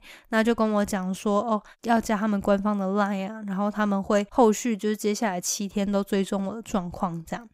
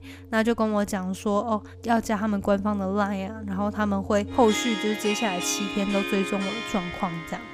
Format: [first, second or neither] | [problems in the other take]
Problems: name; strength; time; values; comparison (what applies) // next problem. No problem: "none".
first | background music; loud; throughout; 6 dB below the speech